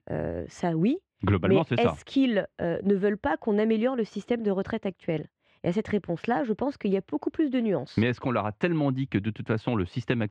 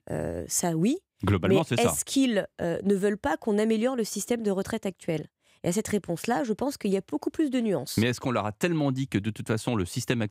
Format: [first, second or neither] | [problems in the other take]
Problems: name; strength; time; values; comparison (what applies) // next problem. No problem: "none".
second | muffled; very; fading above 3 kHz